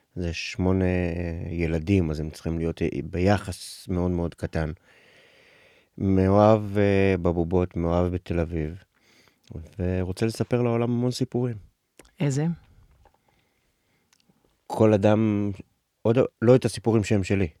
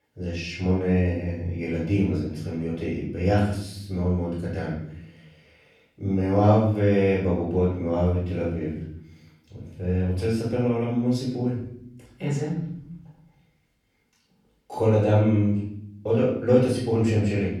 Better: first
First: none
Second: room echo; noticeable; dies away in 0.7 s // off-mic speech; far

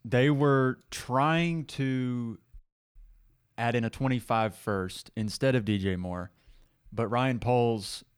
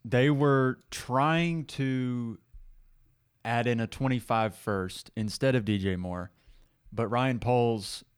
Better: second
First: audio freezing; at 2.5 s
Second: none

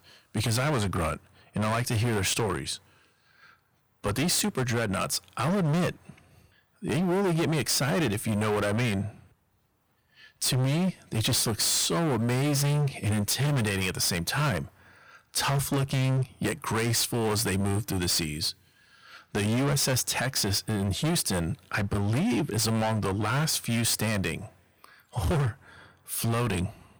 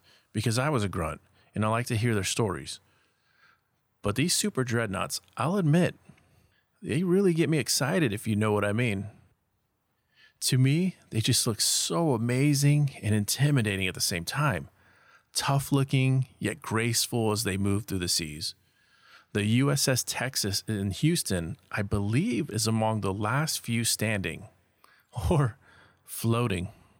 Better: second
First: distortion; heavy; 23% of the sound clipped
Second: none

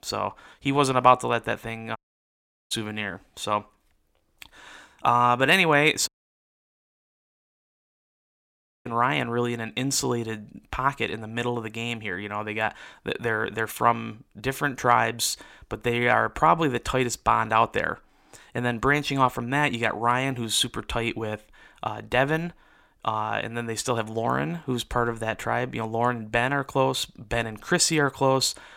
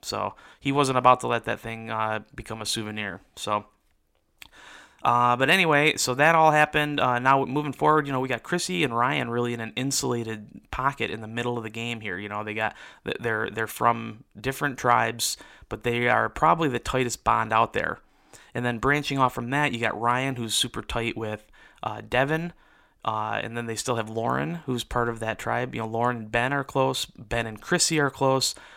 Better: second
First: audio cutting out; at 2 s for 0.5 s and at 6 s for 3 s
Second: none

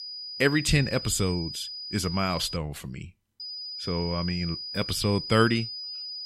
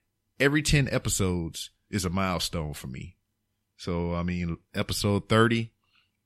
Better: second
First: high-pitched whine; loud; until 2.5 s and from 3.5 s on; 5 kHz, 8 dB below the speech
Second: none

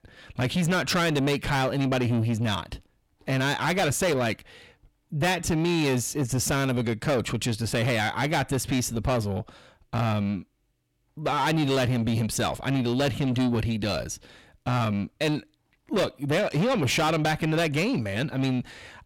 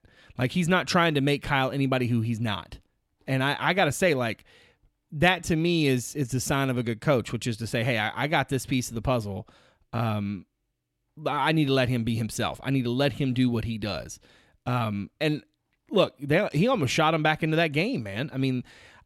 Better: second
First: distortion; heavy; 7 dB below the speech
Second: none

